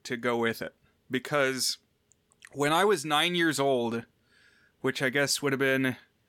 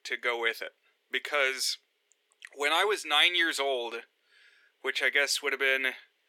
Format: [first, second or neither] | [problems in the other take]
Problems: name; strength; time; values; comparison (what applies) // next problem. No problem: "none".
first | thin; very; fading below 350 Hz